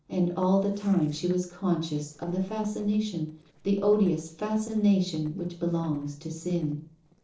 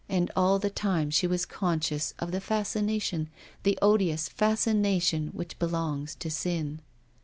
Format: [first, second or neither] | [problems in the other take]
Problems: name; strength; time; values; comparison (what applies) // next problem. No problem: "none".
second | noise reduction (neural separator model SepFormer DNS4)